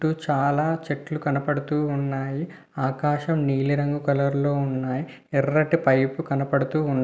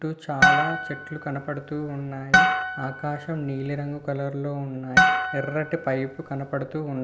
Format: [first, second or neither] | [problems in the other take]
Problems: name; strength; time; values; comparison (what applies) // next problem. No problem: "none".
first | background sound (Harp); 5 dB above the speech